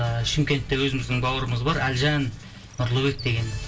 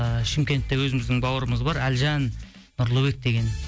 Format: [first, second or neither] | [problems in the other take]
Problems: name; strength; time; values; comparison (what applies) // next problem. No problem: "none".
second | background sound (Motorcycle); 16 dB below the speech // room echo; dies away in 0.2 s